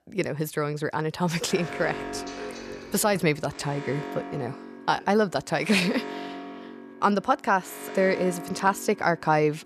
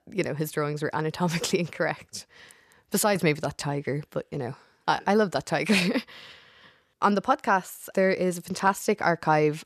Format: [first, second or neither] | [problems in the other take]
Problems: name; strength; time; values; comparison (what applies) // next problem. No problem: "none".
second | alarm; noticeable; from 1.5 s on; peak 8 dB below the speech